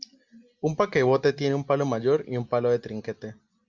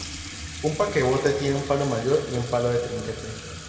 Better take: first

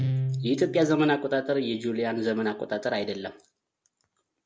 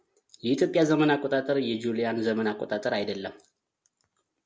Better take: second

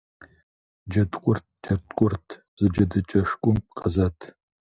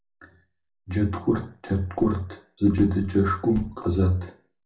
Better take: first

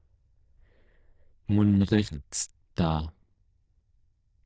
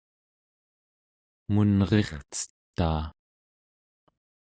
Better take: second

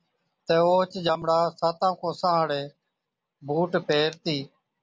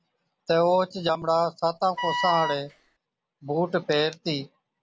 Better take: first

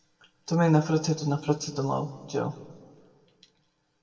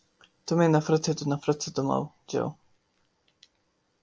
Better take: second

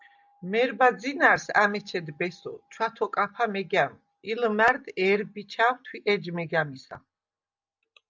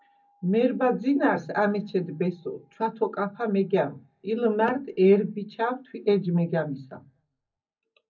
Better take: first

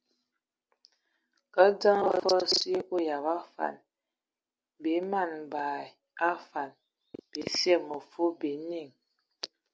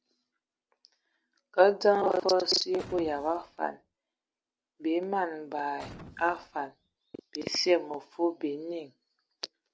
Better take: first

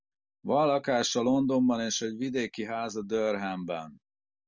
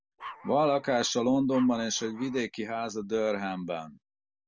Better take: first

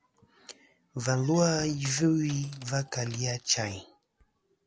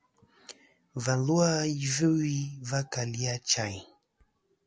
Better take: second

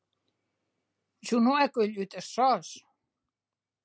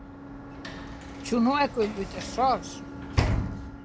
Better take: first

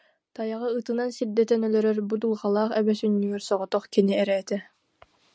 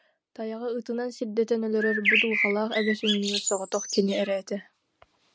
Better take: first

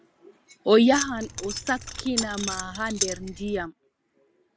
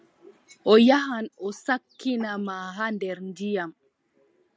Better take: second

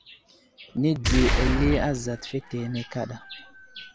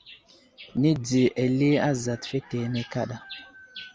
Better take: second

